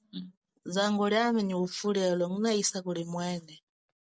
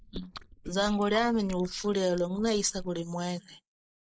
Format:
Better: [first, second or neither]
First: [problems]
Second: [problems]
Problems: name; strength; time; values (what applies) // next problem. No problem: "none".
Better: first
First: none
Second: noise reduction (neural mask model Resemble Enhance denoiser)